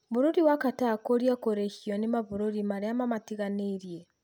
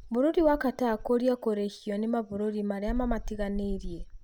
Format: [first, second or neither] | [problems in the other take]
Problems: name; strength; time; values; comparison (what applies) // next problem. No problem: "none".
first | background sound (Insect); 10 dB below the speech